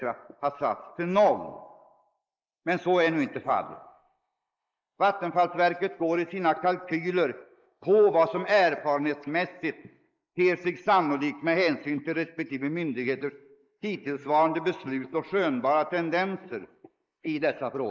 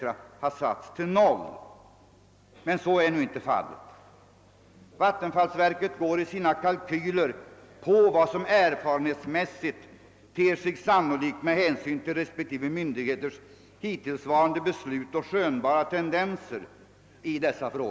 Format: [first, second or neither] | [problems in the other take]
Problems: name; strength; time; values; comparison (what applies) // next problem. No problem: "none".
second | noise reduction (neural mask model Resemble Enhance denoiser)